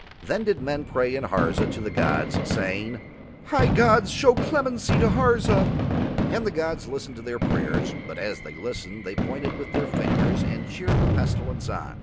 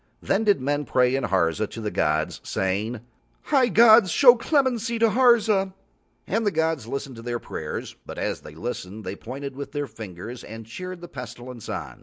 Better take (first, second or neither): second